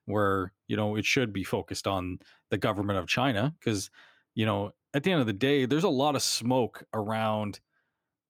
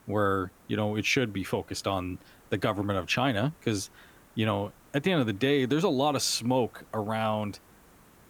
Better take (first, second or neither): first